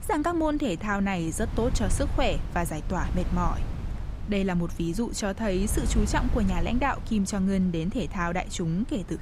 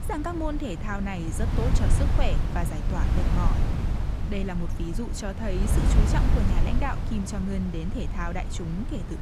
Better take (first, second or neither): first